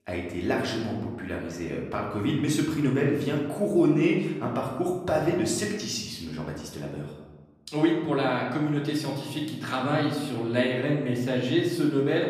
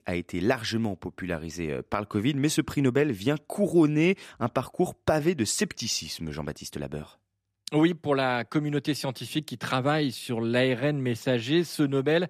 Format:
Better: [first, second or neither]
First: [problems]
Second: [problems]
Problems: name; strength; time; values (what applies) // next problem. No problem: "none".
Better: second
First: room echo; noticeable; dies away in 1 s // off-mic speech; far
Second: none